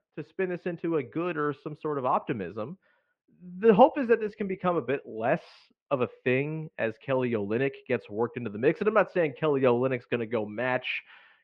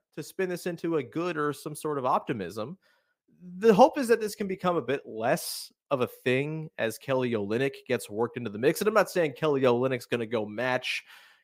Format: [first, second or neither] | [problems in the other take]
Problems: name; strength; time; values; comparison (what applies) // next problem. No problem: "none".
second | muffled; very; fading above 2.5 kHz